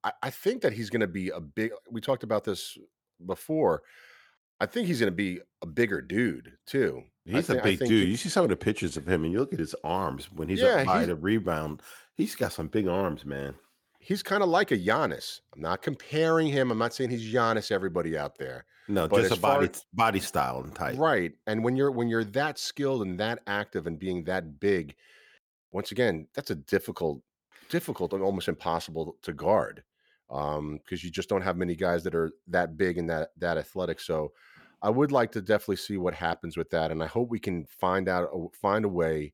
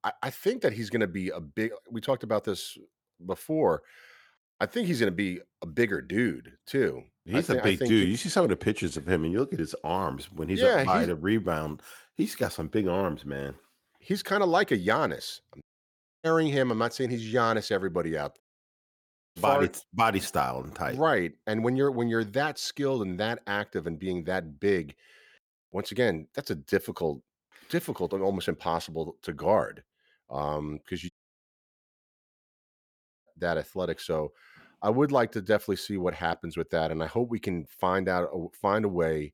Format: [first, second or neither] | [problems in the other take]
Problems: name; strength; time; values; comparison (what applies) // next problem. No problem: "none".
first | audio cutting out; at 16 s for 0.5 s, at 18 s for 1 s and at 31 s for 2 s